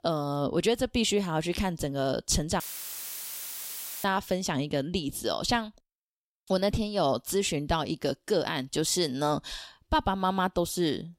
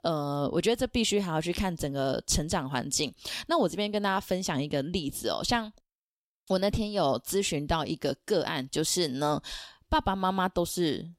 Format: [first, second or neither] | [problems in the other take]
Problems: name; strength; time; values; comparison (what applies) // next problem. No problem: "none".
second | audio cutting out; filled with static; at 2.5 s for 1.5 s